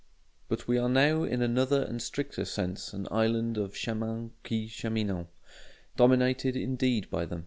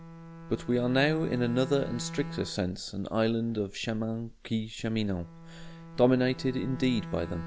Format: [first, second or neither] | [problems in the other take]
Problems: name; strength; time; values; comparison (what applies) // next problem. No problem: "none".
first | background sound (Bowed string instrument); 13 dB below the speech